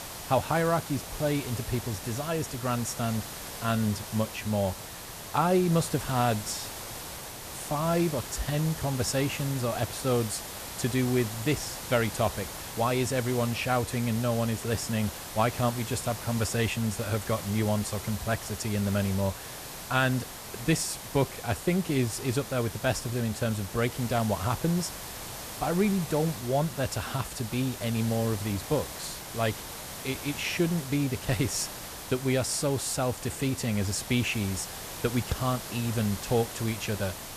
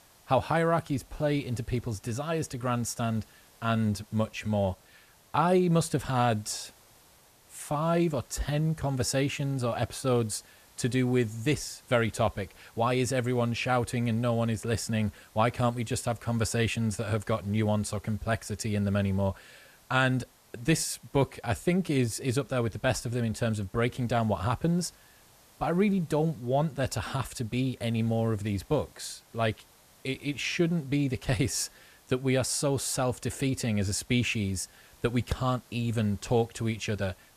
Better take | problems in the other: second | hiss; loud; throughout; 9 dB below the speech; faint in the second

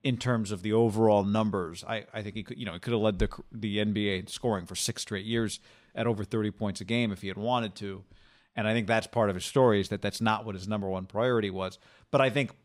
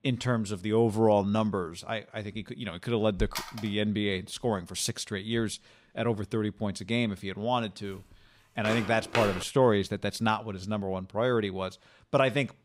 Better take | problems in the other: first | phone ringing; noticeable; at 3.5 s; peak 8 dB below the speech // footsteps; noticeable; at 8.5 s; peak 2 dB below the speech

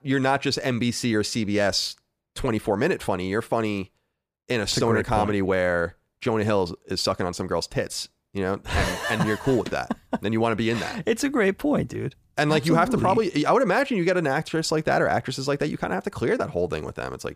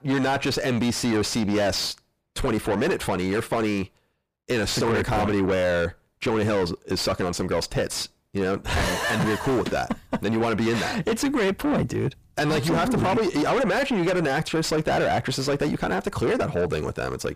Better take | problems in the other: first | distortion; heavy; 5 dB below the speech

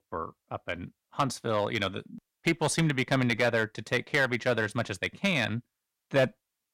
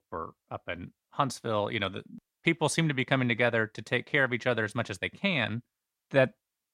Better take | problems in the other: second | distortion; slight; 2% of the sound clipped

